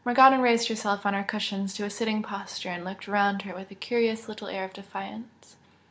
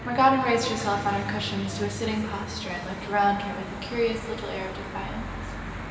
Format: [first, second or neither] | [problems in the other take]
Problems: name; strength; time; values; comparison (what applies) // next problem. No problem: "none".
first | background sound (Church bell / Traffic noise, roadway noise); 8 dB below the speech // room echo; dies away in 2.3 s